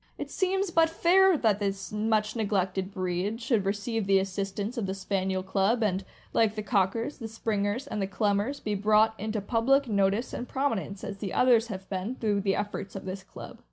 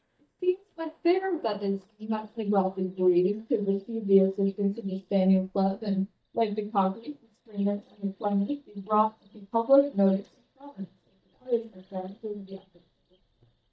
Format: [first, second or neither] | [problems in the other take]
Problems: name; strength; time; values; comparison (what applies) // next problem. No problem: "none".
first | noise reduction (neural mask model DeepFilterNet 3)